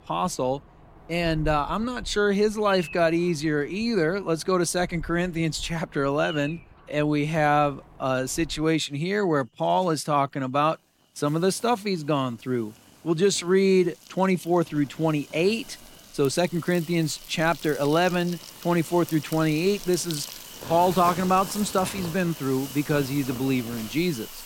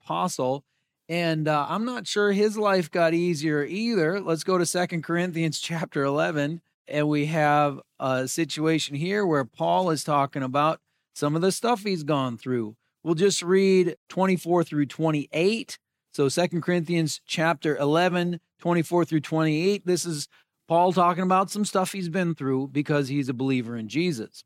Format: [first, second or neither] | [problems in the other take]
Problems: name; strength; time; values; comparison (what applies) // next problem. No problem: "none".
second | animal sounds; noticeable; throughout; 15 dB below the speech